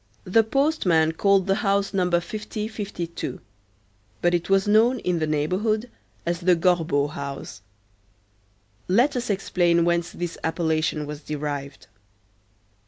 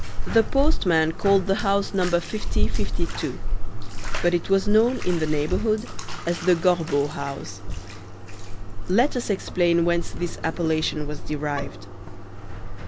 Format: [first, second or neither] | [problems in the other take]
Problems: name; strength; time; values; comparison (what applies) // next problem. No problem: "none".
first | background sound (Bathtub (filling or washing)); as loud as the speech